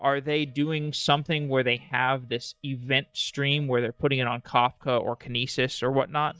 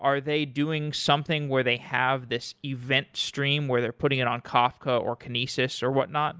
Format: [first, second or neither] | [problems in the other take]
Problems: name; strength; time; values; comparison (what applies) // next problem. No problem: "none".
second | noise reduction (neural mask model DeepFilterNet 3)